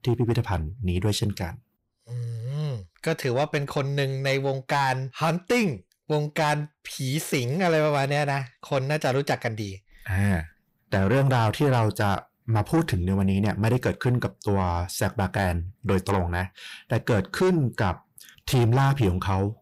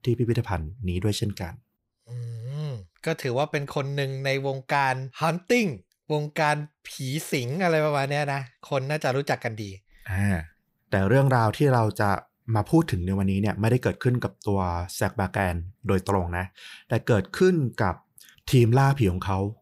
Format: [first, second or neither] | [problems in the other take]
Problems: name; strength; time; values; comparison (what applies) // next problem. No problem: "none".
second | distortion; slight; 10 dB below the speech